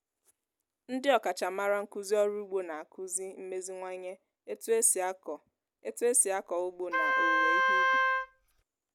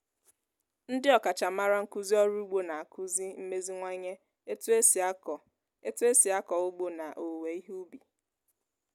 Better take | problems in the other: second | background sound (Wind instrument, woodwind instrument); 4 dB above the speech

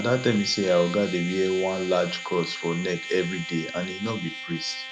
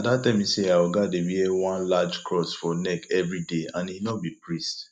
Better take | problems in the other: second | background sound (Trumpet); 11 dB below the speech

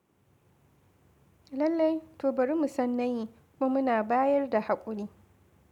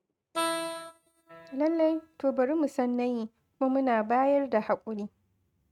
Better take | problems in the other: first | noise reduction (neural mask model RNNoise)

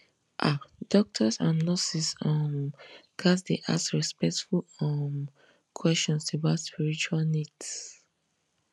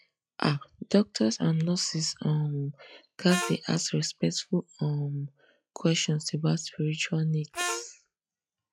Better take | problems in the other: first | noise reduction (classical method log-MMSE)

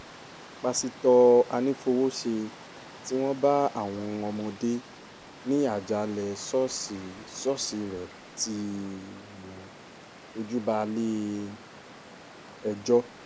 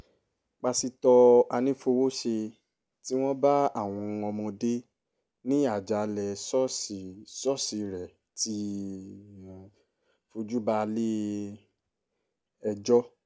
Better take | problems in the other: second | background sound (Water); 18 dB below the speech

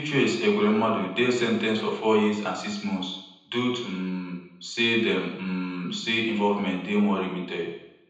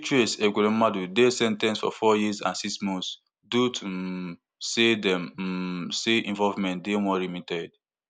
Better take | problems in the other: second | room echo; dies away in 0.8 s

